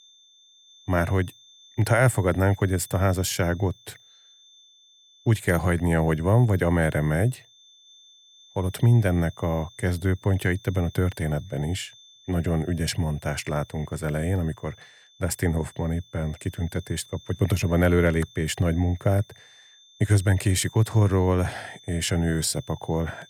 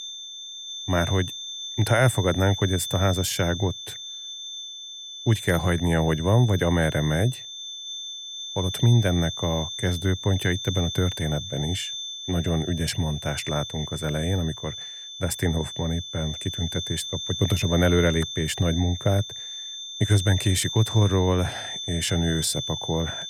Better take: first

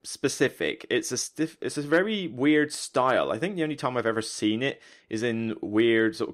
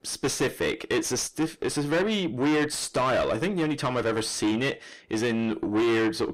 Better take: first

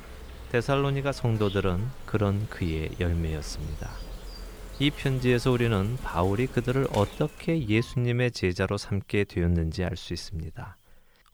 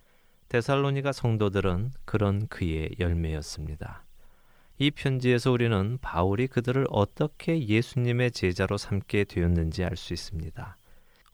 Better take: second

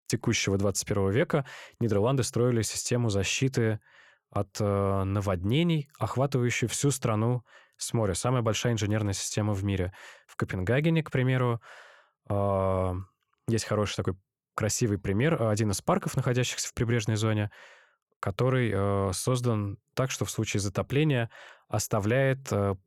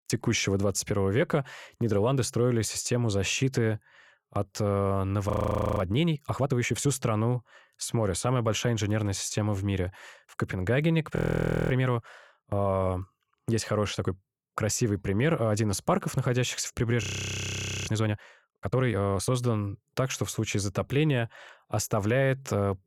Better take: first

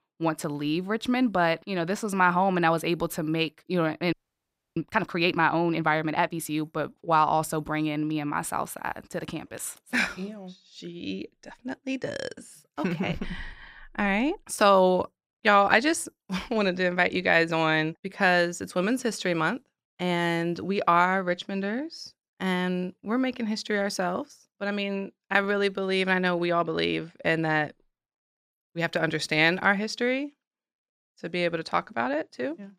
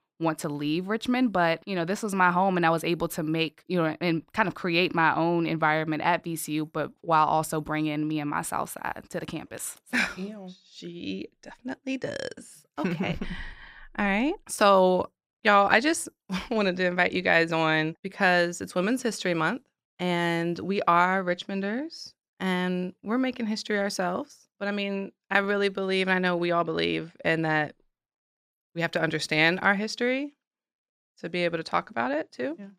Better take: second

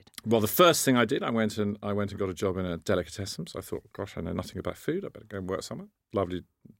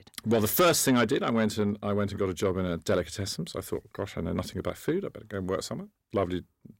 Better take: first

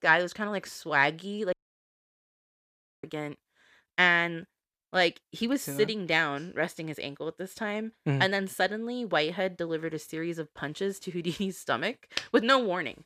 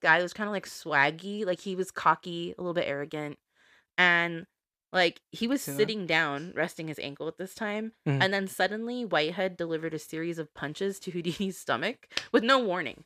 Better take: second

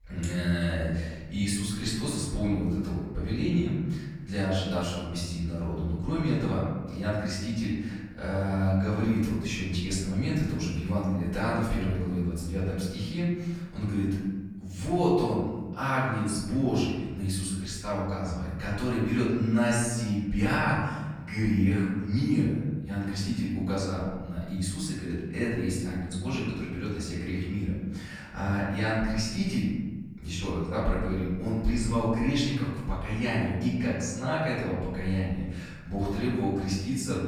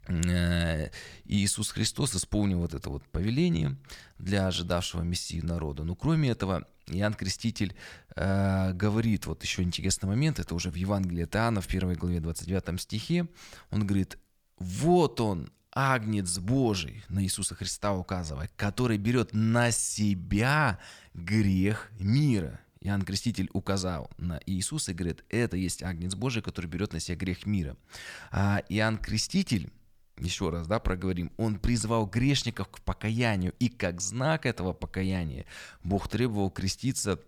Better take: second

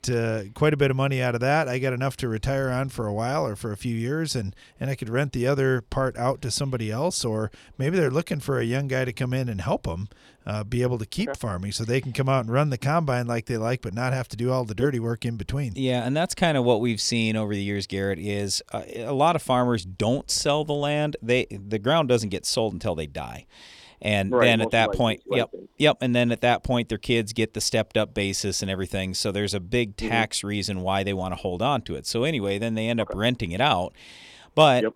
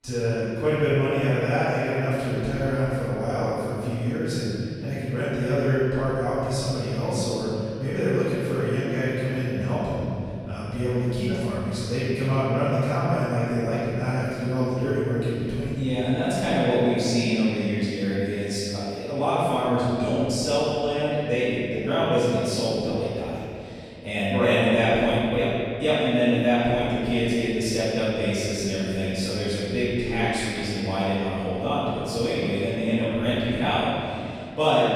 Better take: first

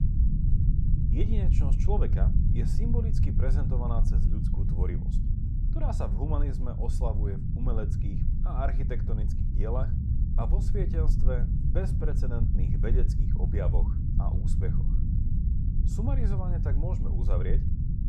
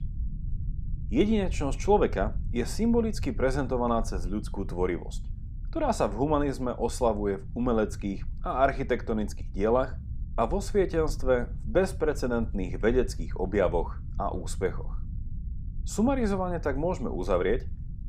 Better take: second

